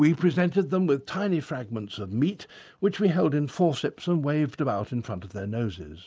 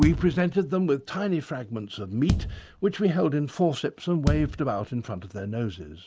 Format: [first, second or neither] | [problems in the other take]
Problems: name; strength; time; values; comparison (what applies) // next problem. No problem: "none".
first | background sound (Bass drum); 5 dB below the speech